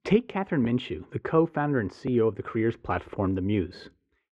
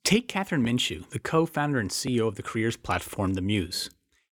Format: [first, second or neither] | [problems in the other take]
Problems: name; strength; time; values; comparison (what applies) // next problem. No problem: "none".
second | muffled; very; fading above 1.5 kHz